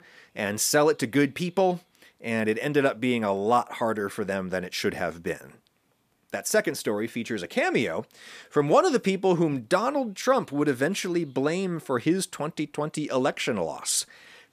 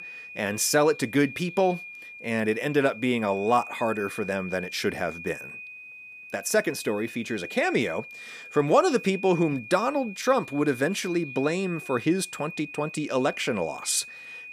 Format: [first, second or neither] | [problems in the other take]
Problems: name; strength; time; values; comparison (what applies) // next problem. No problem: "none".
first | high-pitched whine; noticeable; throughout; 2.5 kHz, 15 dB below the speech